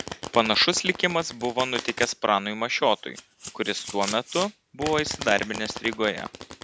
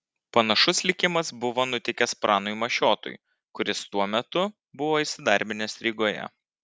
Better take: second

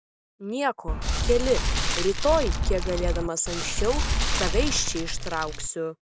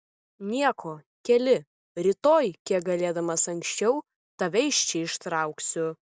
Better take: second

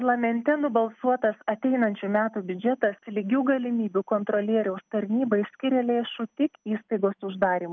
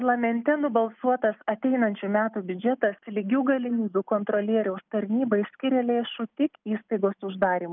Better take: first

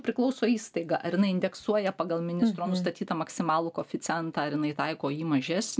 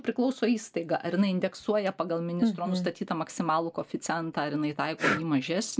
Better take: first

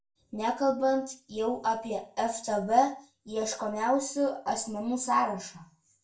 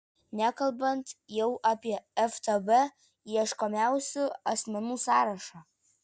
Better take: second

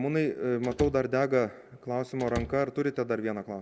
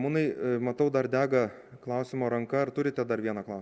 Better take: second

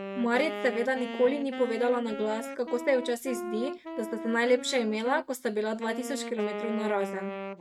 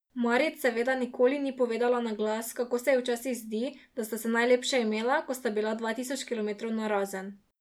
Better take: second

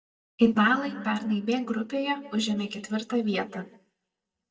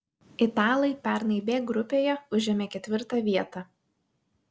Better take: second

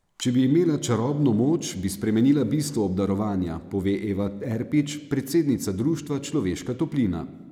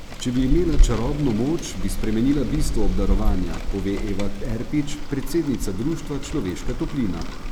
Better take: first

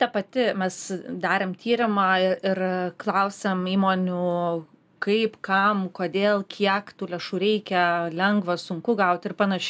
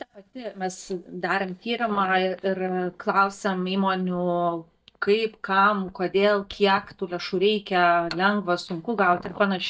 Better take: first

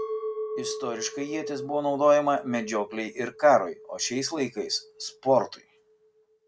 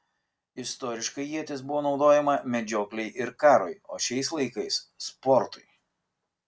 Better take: second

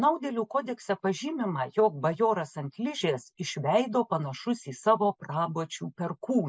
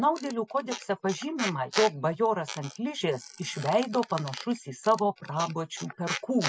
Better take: first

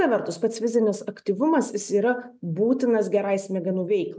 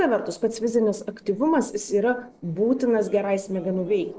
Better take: first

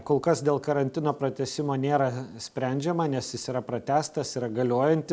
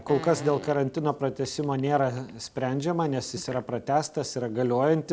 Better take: first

